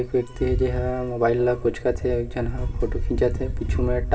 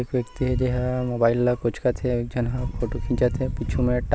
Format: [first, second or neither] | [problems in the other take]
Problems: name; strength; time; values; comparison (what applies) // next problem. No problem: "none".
second | room echo; dies away in 1.9 s